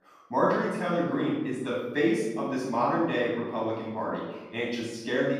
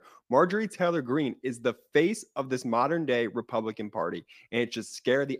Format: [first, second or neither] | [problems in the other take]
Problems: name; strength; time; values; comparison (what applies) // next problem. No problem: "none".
second | off-mic speech; far // room echo; noticeable; dies away in 1 s